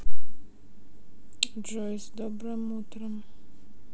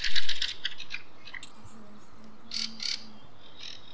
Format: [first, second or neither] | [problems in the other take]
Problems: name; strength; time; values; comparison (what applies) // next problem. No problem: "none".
first | background sound (Bird vocalization, bird call, bird song); 13 dB below the speech // room echo; dies away in 0.9 s